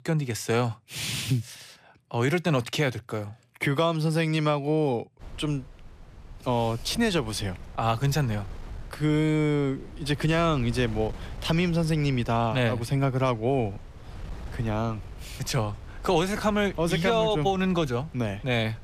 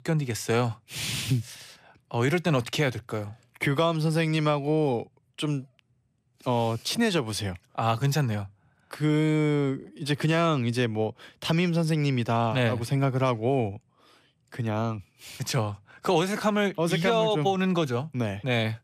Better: second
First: wind noise on the microphone; occasional gusts; from 5 s on; 20 dB below the speech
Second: none

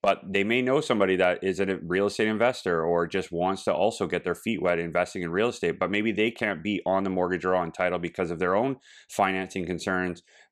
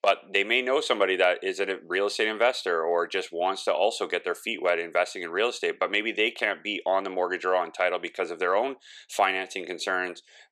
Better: first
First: none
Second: thin; somewhat; fading below 400 Hz

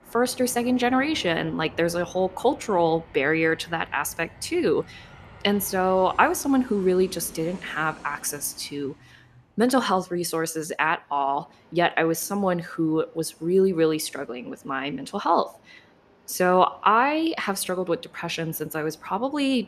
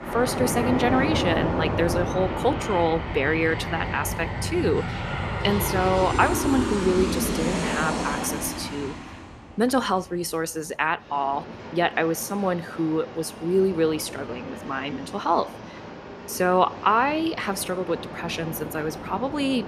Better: first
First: train or aircraft noise; faint; throughout; 25 dB below the speech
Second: train or aircraft noise; loud; throughout; 5 dB below the speech

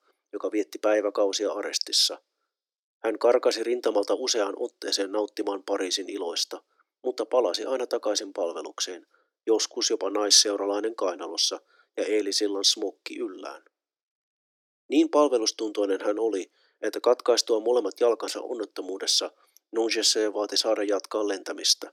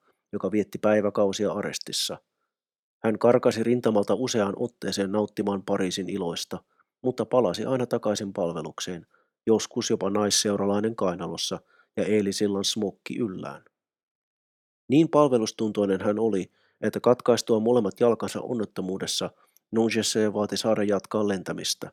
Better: second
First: thin; somewhat; fading below 300 Hz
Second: none

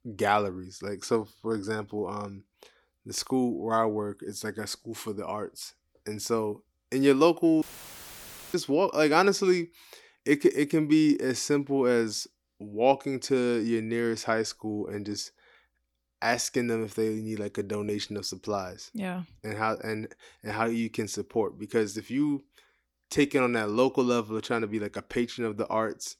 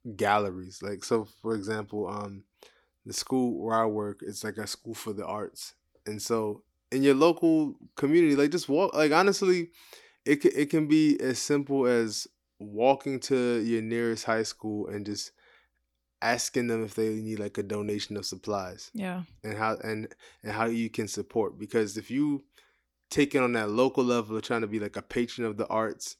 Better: second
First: audio cutting out; filled with static; at 7.5 s for 1 s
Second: none

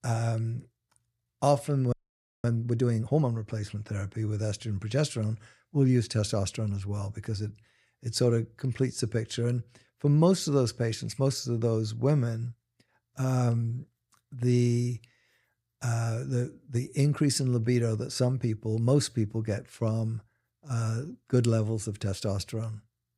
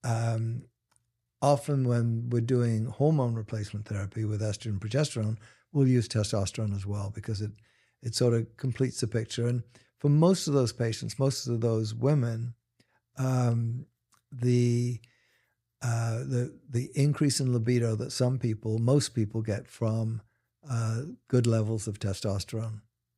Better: second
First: audio freezing; at 2 s for 0.5 s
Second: none

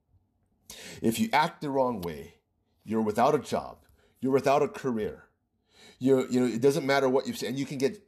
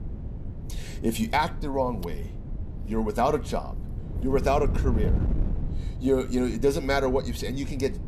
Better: first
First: none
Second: wind noise on the microphone; occasional gusts; 15 dB below the speech

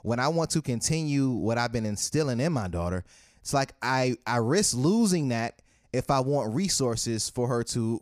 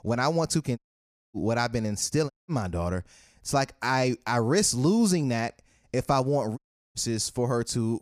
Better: first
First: none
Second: audio cutting out; at 1 s for 0.5 s, at 2.5 s and at 6.5 s

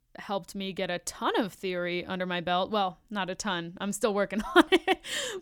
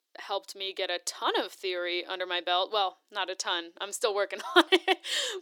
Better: first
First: none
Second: thin; very; fading below 350 Hz

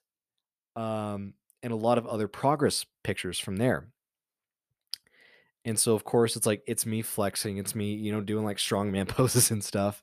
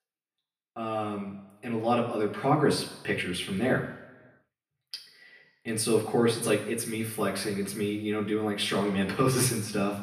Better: first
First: none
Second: room echo; slight; dies away in 1 s // off-mic speech; far

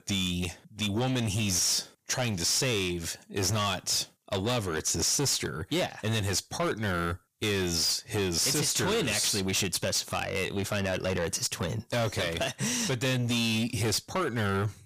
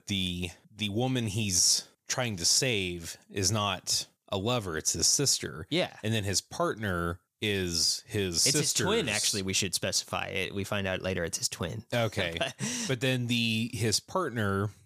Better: second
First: distortion; heavy; 7 dB below the speech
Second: none

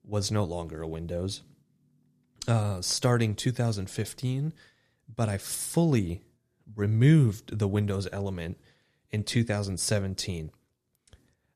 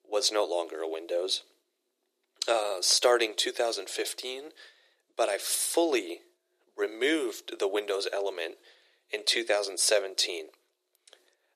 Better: first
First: none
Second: thin; very; fading below 350 Hz

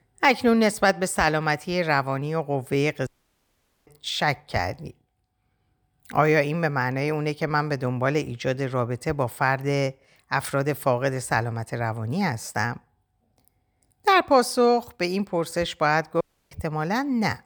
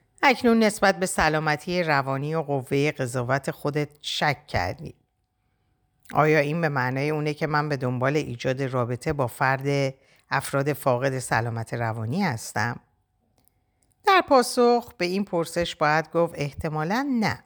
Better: second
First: audio cutting out; at 3 s for 1 s and at 16 s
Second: none

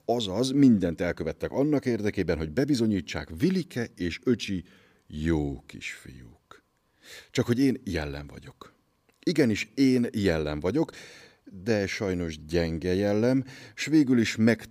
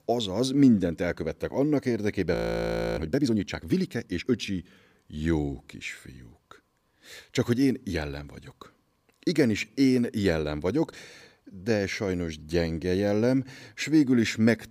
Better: first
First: none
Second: audio freezing; at 2.5 s for 0.5 s

